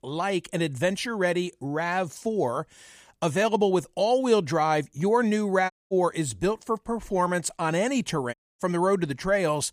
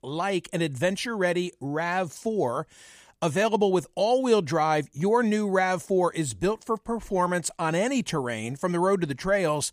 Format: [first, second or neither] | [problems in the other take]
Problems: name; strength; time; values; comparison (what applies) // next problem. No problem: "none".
second | audio cutting out; at 5.5 s and at 8.5 s